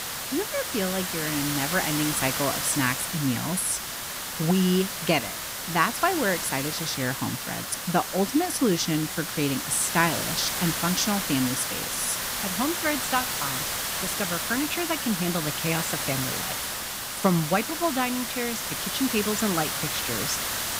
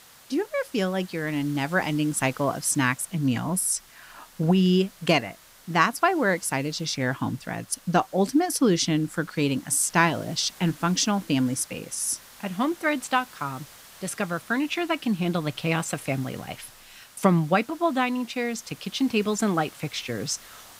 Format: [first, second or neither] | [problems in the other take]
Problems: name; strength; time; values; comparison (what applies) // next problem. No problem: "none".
second | hiss; loud; throughout; 1 dB below the speech; faint in the second